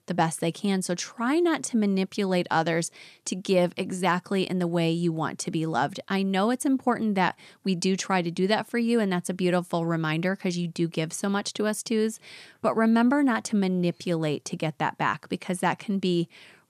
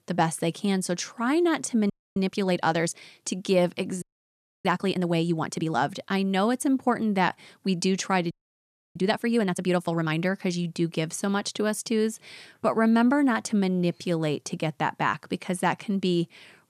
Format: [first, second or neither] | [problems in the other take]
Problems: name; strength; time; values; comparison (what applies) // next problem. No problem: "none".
first | audio freezing; at 2 s, at 4 s for 0.5 s and at 8.5 s for 0.5 s